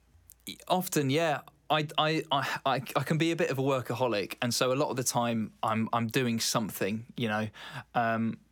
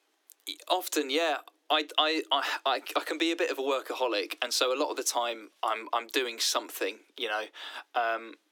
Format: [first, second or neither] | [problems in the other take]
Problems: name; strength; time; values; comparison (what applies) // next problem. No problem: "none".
first | thin; somewhat; fading below 300 Hz